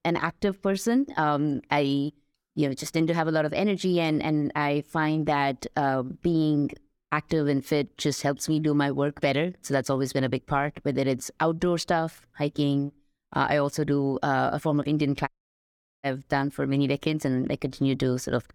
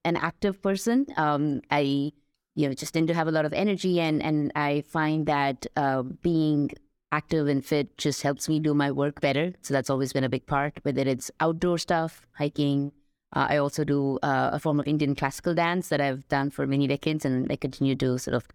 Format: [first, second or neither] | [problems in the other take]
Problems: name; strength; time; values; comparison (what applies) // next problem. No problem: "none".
second | audio cutting out; at 15 s for 1 s